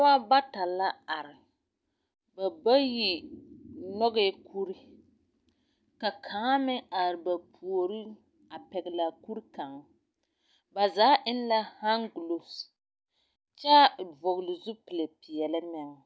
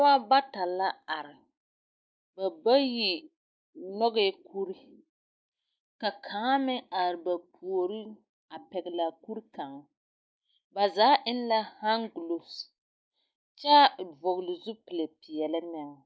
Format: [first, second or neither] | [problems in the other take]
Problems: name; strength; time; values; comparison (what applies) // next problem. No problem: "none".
first | noise reduction (neural mask model Resemble Enhance denoiser)